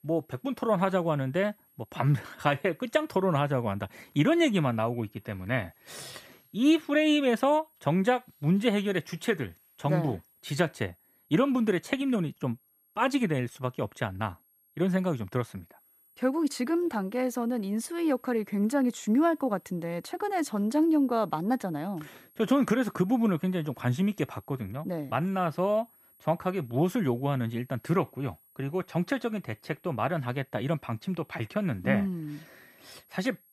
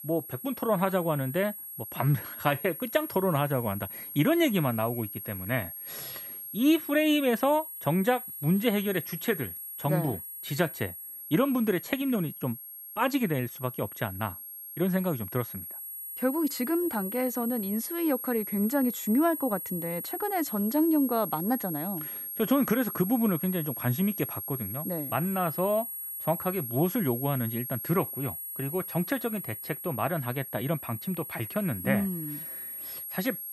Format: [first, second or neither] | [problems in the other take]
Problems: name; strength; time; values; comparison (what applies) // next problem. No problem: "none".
first | high-pitched whine; loud; throughout; 11.5 kHz, 7 dB below the speech; faint in the first